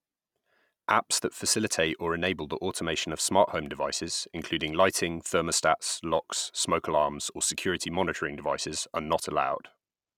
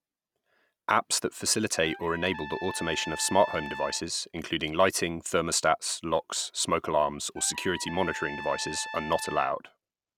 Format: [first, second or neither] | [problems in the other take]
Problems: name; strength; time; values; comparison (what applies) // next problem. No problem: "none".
first | background sound (Trumpet); 12 dB below the speech